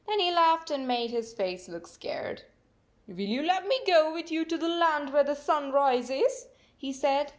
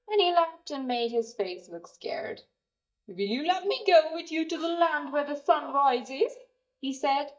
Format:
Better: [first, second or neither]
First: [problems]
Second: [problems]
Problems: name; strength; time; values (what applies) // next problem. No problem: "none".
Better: first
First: none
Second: noise reduction (neural mask model DeepFilterNet 3)